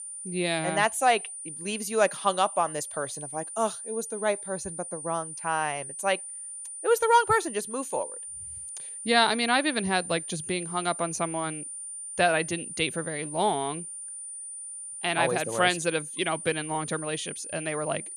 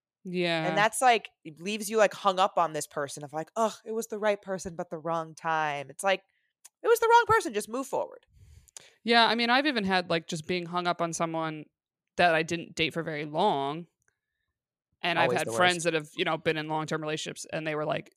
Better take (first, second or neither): second